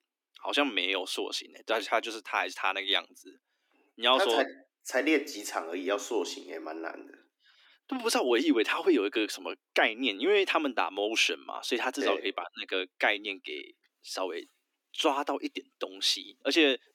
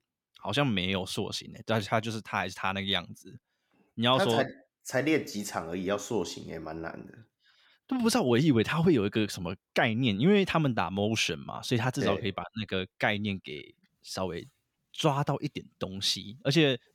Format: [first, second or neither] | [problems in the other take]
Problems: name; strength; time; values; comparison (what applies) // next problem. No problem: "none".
second | thin; somewhat; fading below 250 Hz